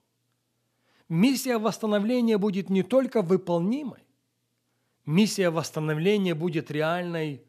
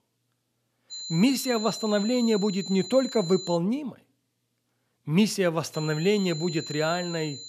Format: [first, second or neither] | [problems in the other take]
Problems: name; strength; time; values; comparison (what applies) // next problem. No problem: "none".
first | high-pitched whine; noticeable; from 1 to 3.5 s and from 5.5 s on; 4 kHz, 10 dB below the speech